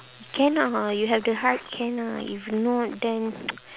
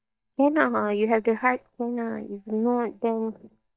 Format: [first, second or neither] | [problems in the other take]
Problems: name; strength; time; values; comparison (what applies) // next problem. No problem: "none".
first | noise reduction (neural mask model DeepFilterNet 3)